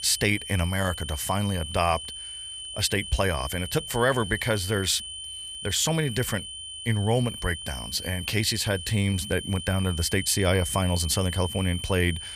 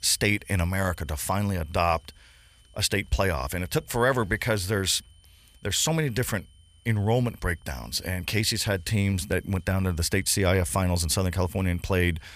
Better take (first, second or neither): second